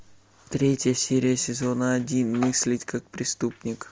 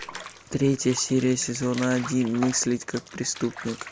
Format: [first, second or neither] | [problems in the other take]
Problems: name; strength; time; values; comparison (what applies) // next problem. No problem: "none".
first | background sound (Bathtub (filling or washing) / Water); 16 dB below the speech